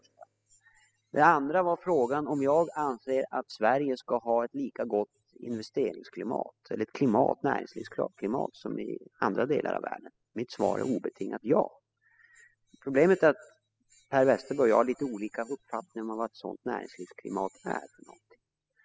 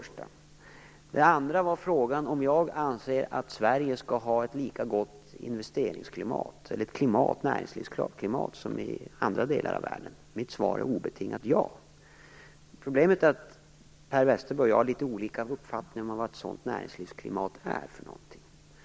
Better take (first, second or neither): second